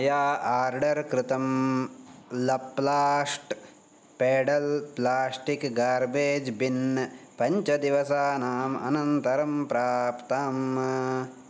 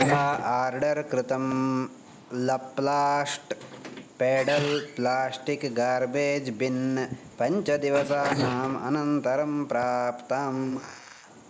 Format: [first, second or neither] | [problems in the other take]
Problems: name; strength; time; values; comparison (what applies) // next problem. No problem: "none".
first | noise reduction (neural mask model Resemble Enhance denoiser)